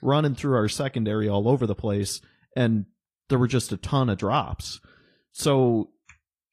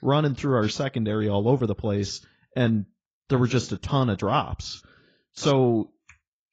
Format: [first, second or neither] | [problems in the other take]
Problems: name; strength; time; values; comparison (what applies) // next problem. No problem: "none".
first | garbled, watery; badly; nothing above 7.5 kHz; slightly in the first